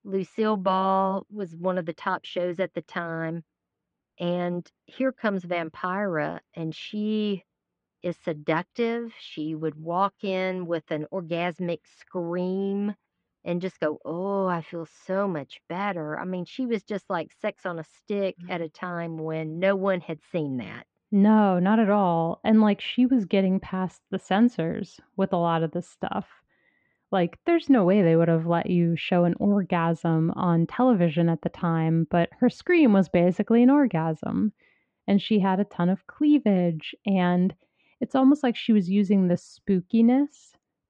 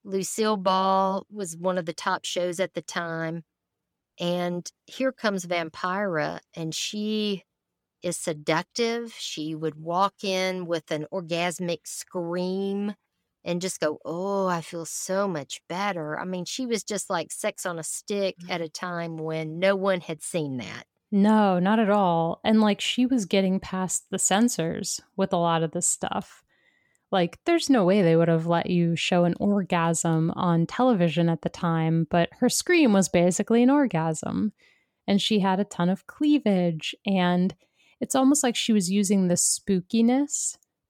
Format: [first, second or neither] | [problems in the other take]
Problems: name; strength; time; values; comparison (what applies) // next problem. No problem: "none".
second | muffled; very; fading above 2.5 kHz